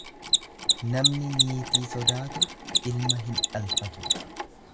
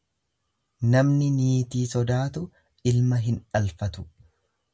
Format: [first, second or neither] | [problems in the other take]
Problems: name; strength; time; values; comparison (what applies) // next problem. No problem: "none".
second | background sound (Mechanisms); 4 dB above the speech